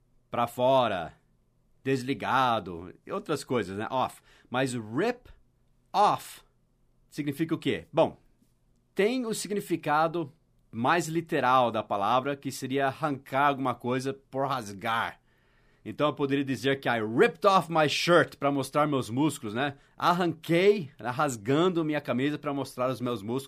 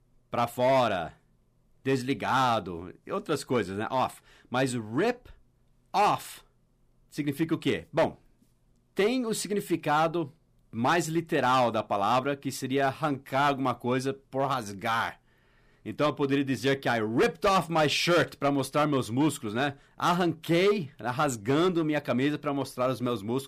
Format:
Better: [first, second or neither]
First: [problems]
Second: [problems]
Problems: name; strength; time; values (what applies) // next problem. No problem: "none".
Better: first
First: none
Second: distortion; slight; 4% of the sound clipped